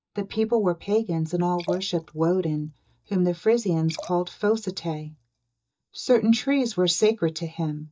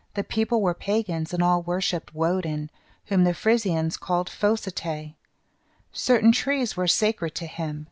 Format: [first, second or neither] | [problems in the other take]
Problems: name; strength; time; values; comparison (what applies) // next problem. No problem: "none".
second | noise reduction (neural mask model DeepFilterNet 3)